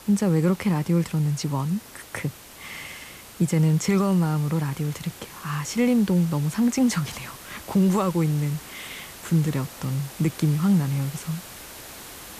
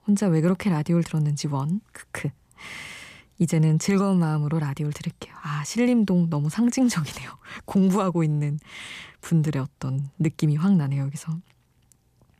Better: second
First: hiss; noticeable; throughout; 15 dB below the speech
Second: none

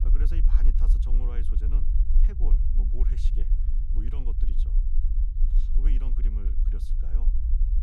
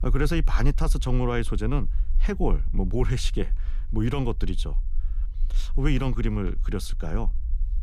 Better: second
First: low rumble; loud; throughout; 1 dB below the speech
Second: low rumble; faint; throughout; 25 dB below the speech

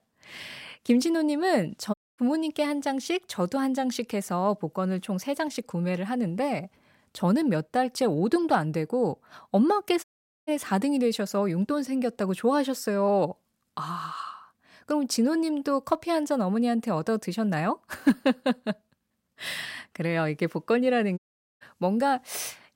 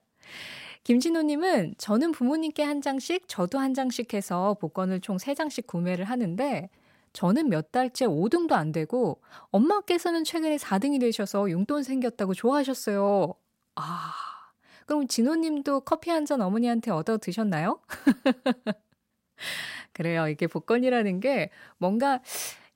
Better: second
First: audio cutting out; at 2 s, at 10 s and at 21 s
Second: none

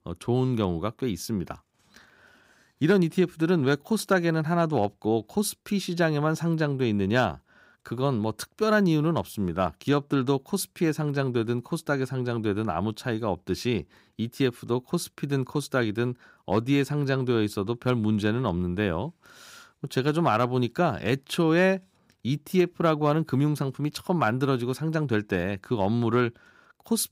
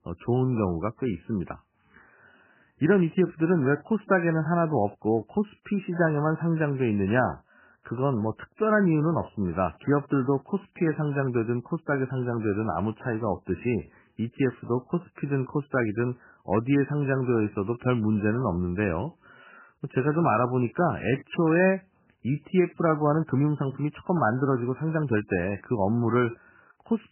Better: first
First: none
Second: garbled, watery; badly; nothing above 2.5 kHz

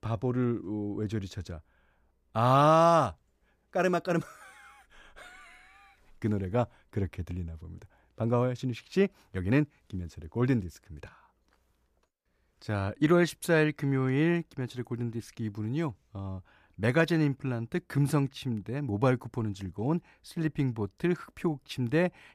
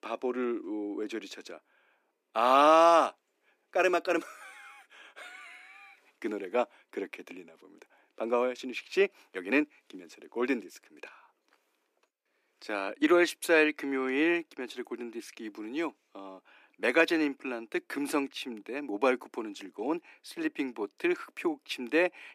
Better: first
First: none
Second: thin; somewhat; fading below 300 Hz

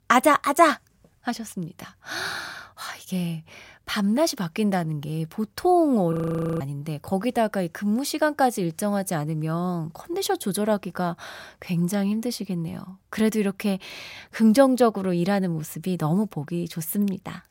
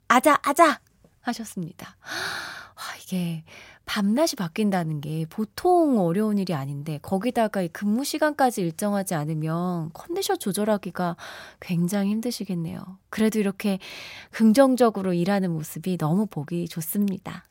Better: second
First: audio freezing; at 6 s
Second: none

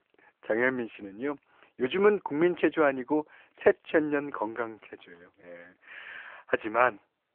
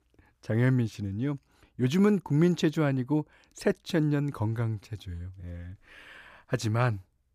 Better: second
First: phone-call audio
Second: none

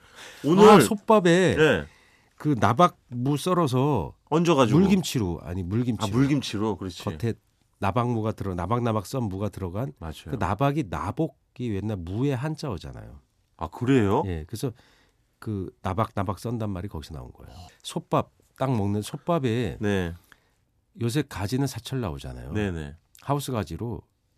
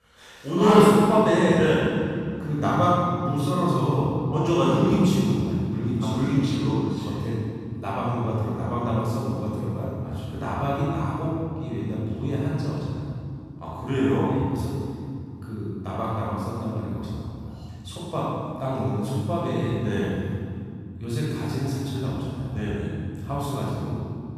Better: first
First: none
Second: off-mic speech; far // room echo; strong; dies away in 2.7 s

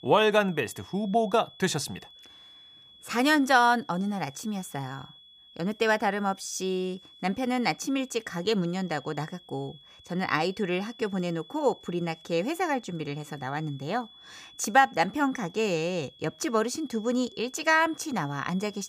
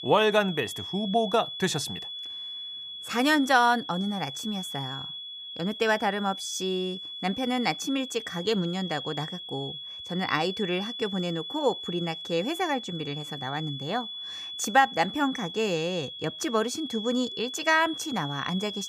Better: first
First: high-pitched whine; faint; throughout; 3.5 kHz, 20 dB below the speech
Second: high-pitched whine; loud; throughout; 3.5 kHz, 8 dB below the speech

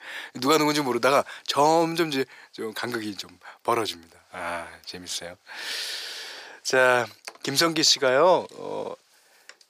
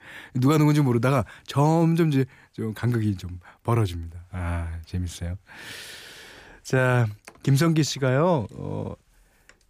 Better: second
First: thin; very; fading below 550 Hz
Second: none

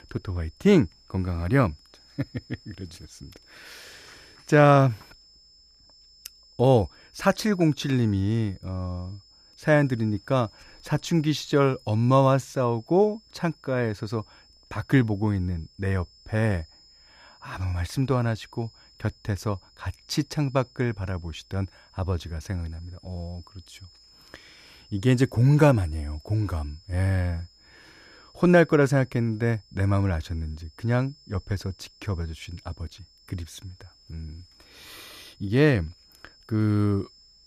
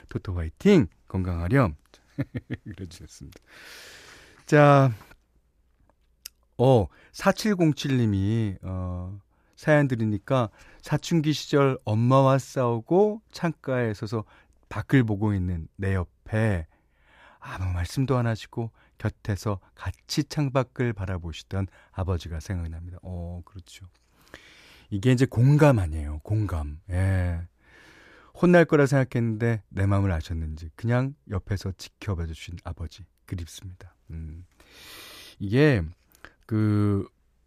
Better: second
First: high-pitched whine; faint; throughout; 5 kHz, 30 dB below the speech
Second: none

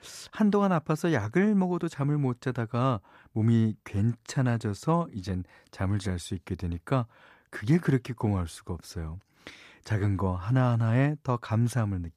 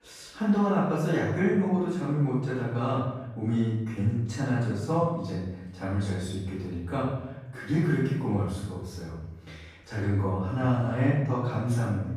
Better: first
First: none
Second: room echo; strong; dies away in 0.8 s // off-mic speech; far

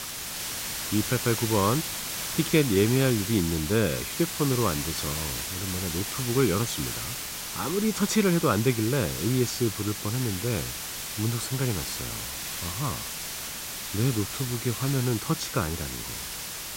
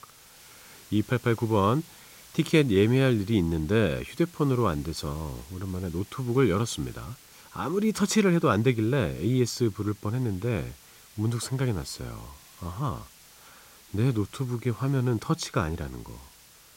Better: second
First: hiss; loud; throughout; 4 dB below the speech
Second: hiss; faint; throughout; 25 dB below the speech

